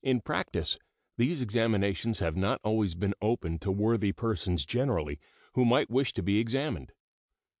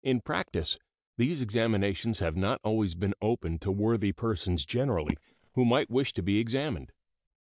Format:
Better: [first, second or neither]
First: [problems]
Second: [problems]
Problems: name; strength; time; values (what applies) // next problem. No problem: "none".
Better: first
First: none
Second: noise reduction (neural mask model DeepFilterNet 3)